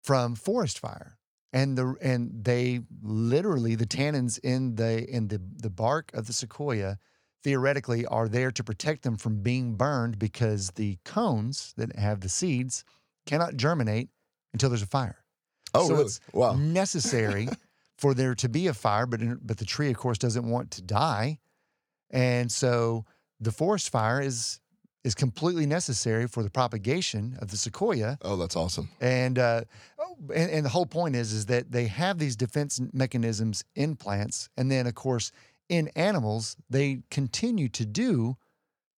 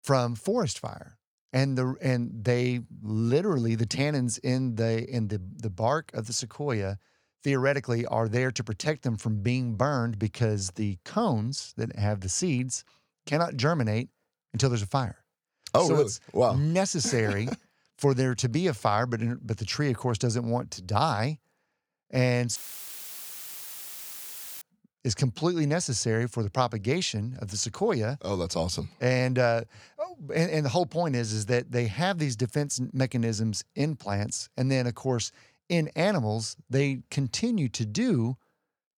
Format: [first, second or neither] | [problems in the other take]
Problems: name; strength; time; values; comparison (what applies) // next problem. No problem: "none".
first | audio cutting out; filled with static; at 23 s for 2 s